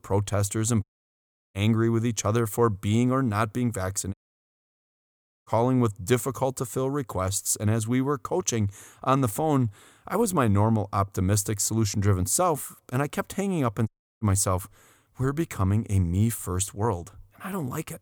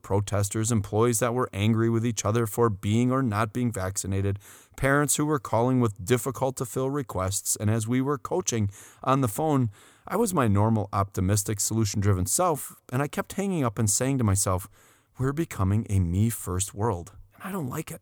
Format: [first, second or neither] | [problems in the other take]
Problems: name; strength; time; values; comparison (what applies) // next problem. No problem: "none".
second | audio cutting out; at 1 s for 0.5 s, at 4 s for 1.5 s and at 14 s